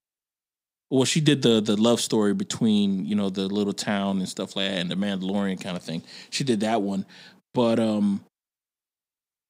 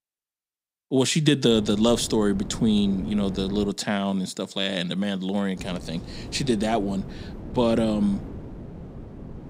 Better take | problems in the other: first | wind noise on the microphone; occasional gusts; from 1.5 to 3.5 s and from 5.5 s on; 15 dB below the speech

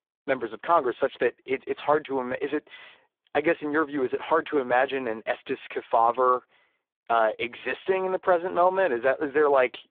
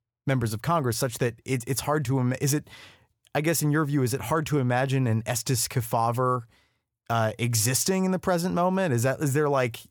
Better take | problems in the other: second | phone-call audio; poor line

